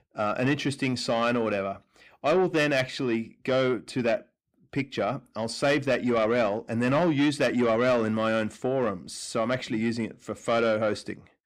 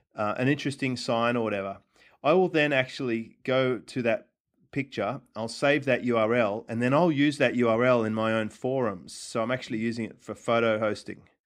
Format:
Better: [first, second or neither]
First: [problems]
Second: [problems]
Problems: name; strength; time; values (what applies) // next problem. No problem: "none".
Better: second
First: distortion; slight; 10 dB below the speech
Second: none